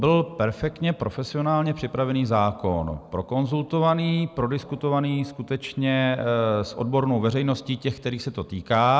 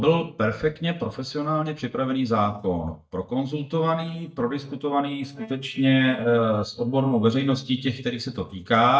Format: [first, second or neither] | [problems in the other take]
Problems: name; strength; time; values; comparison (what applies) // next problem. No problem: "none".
first | noise reduction (neural mask model DeepFilterNet 3)